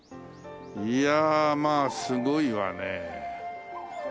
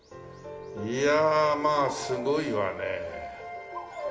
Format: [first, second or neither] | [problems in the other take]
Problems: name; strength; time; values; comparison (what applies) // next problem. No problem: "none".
first | room echo; dies away in 0.6 s